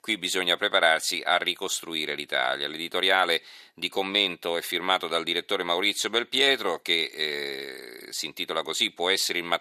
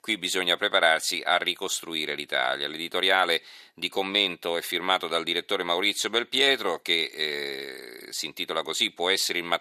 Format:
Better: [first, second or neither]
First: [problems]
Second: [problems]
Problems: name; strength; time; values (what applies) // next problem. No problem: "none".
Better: neither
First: thin; somewhat; fading below 500 Hz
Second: thin; somewhat; fading below 500 Hz